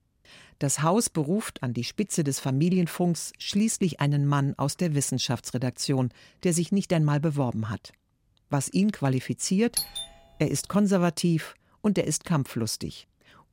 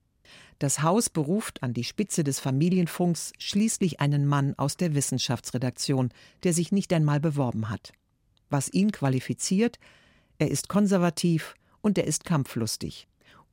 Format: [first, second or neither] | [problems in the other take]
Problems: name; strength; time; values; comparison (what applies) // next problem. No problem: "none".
second | doorbell; noticeable; at 10 s; peak 2 dB below the speech